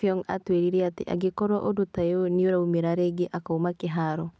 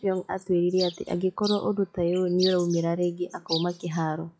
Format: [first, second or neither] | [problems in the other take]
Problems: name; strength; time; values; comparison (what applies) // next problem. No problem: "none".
first | noise reduction (classical method log-MMSE)